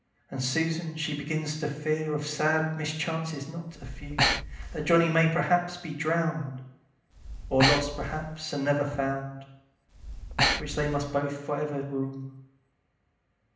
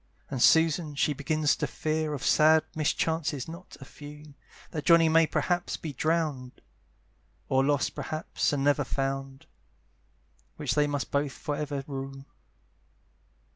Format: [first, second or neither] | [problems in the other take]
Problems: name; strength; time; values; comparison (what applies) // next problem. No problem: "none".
second | background sound (Breathing); 1 dB below the speech // room echo; dies away in 0.8 s